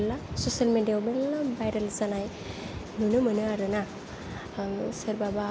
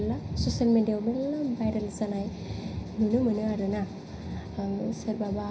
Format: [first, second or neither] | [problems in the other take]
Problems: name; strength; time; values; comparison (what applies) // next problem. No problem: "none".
first | room echo; dies away in 0.5 s